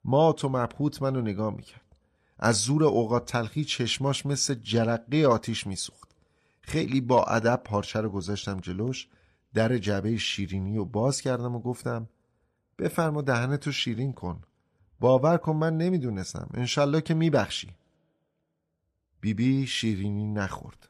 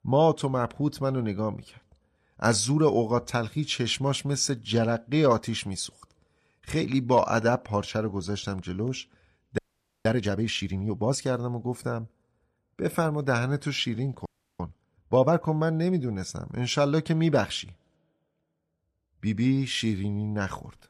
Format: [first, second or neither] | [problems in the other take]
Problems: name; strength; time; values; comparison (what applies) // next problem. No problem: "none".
first | audio freezing; at 9.5 s and at 14 s